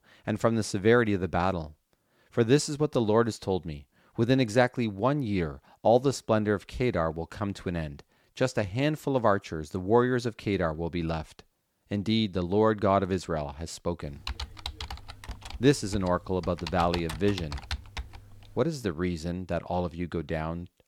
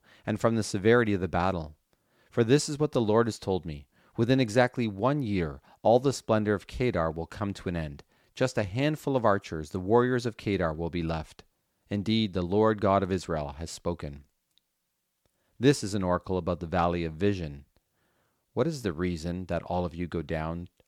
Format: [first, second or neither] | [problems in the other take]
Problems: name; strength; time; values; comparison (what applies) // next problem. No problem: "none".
second | keyboard typing; noticeable; from 14 to 19 s; peak 8 dB below the speech